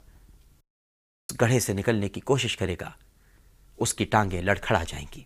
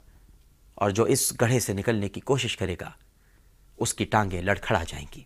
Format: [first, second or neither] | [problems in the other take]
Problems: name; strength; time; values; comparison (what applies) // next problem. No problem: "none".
second | audio cutting out; at 0.5 s for 0.5 s